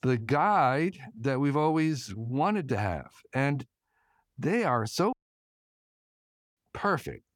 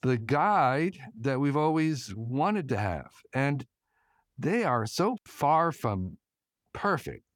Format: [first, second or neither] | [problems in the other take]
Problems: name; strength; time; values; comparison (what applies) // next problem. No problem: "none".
second | audio cutting out; at 5 s for 1.5 s